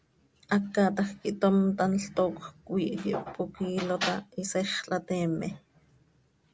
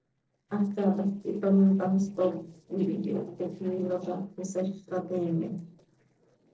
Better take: first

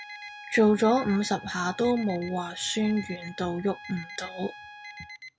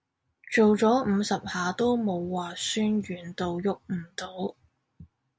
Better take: second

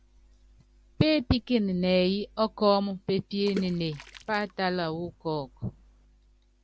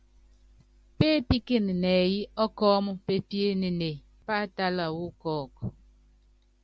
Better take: second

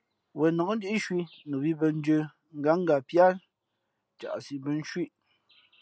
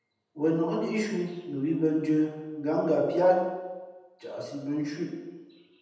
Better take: first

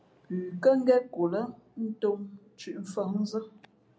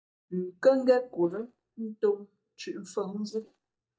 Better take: first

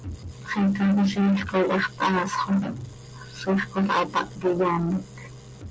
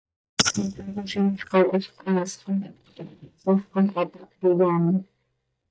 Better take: first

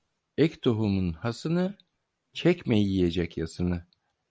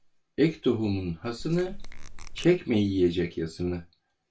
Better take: first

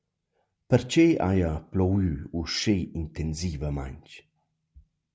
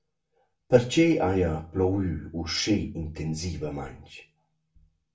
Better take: first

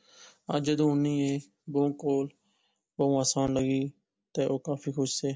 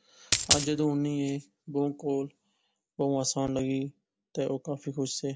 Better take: first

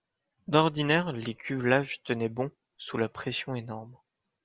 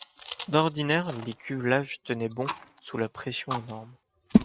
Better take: first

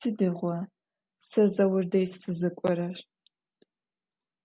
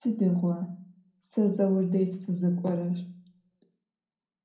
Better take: first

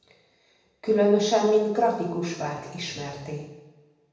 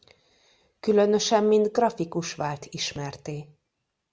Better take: second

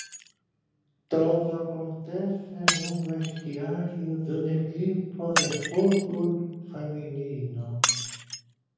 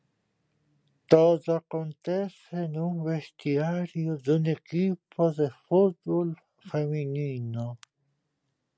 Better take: second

